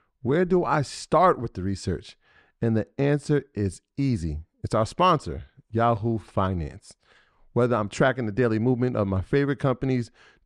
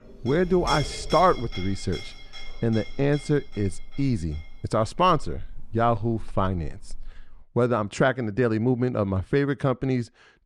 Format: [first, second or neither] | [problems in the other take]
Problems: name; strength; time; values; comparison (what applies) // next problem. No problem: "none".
first | clattering dishes; noticeable; until 7.5 s; peak 5 dB below the speech